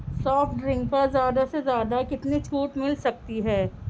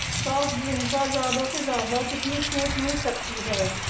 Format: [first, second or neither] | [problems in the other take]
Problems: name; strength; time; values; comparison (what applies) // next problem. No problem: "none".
first | background sound (Rain); 3 dB below the speech // room echo; dies away in 0.8 s